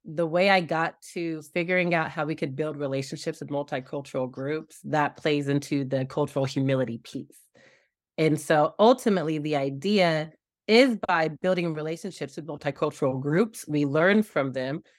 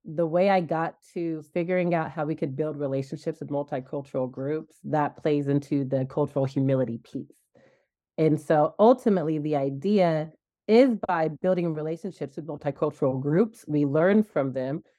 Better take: first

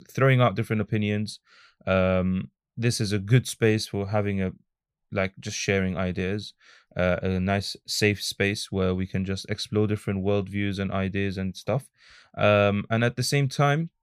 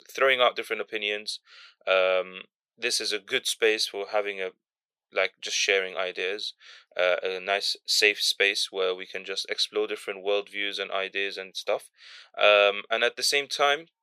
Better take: first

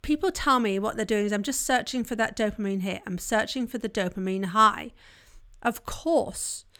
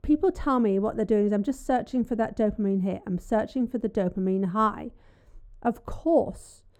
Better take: first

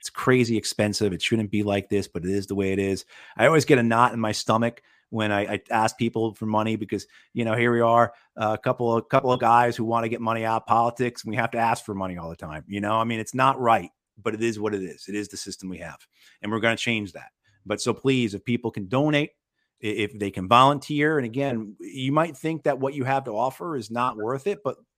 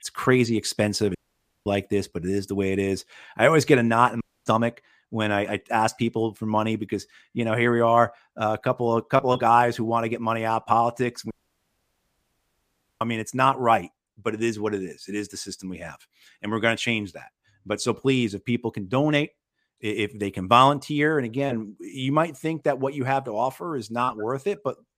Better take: first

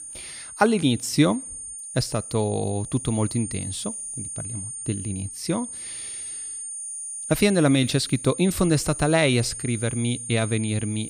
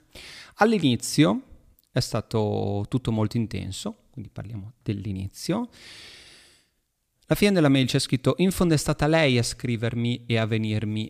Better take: second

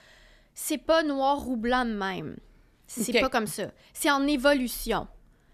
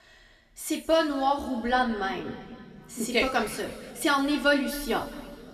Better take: first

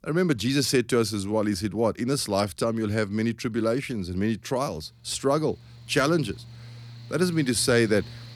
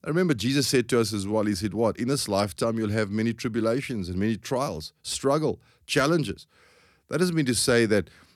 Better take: second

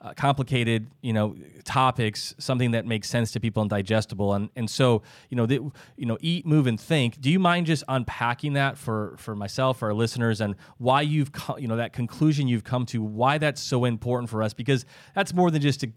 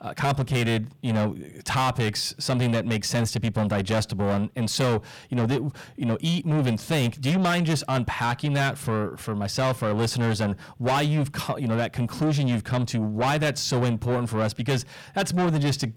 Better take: first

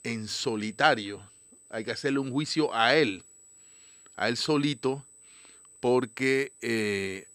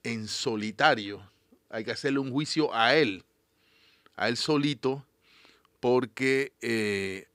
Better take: second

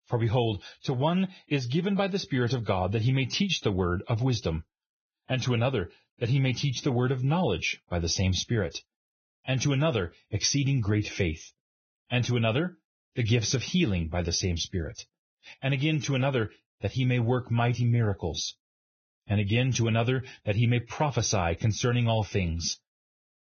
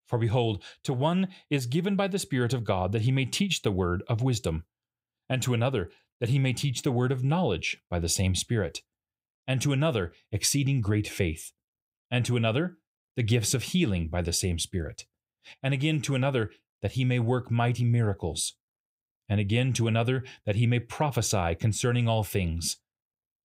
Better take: second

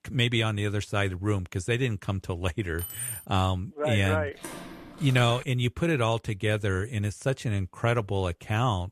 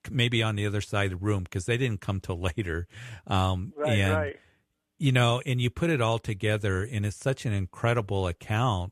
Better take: second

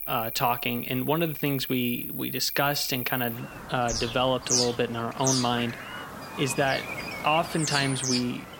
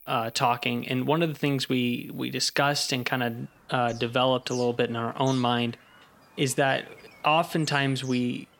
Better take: second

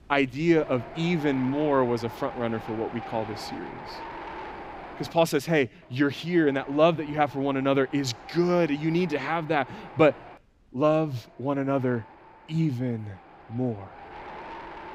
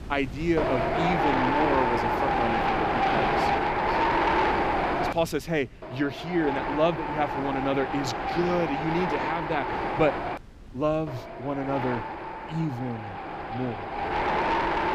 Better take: first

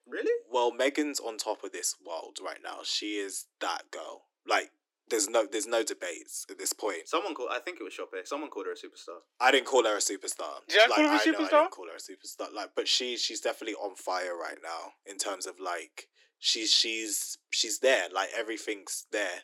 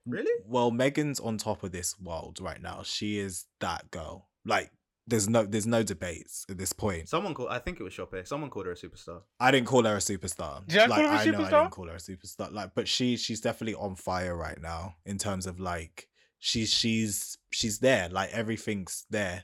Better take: second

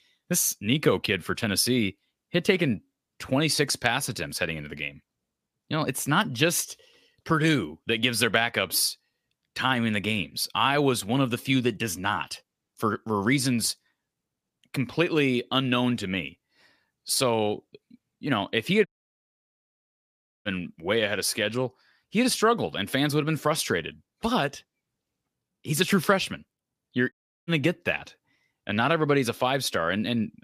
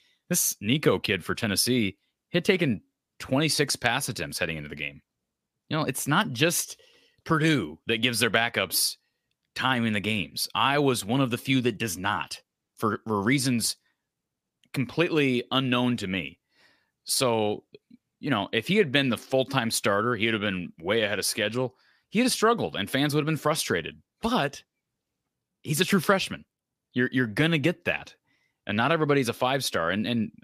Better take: second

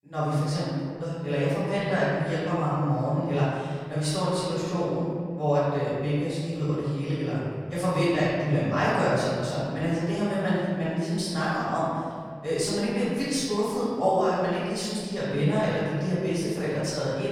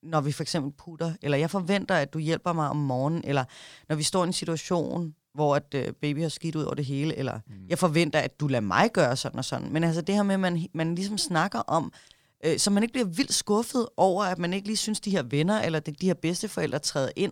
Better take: second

